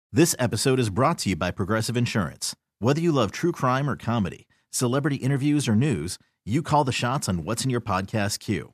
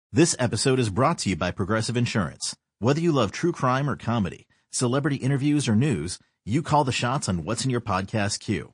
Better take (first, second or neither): first